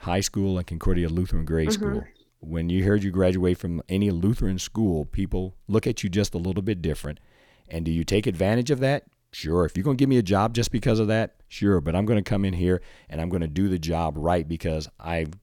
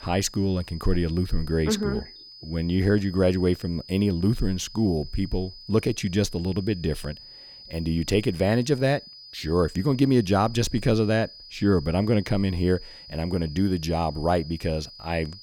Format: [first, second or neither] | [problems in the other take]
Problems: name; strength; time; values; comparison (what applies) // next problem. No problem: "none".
first | high-pitched whine; noticeable; throughout; 5 kHz, 20 dB below the speech